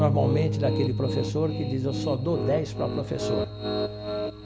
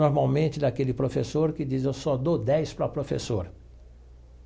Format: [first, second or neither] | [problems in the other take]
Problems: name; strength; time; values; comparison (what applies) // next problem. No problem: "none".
second | background sound (Piano + Bass guitar); as loud as the speech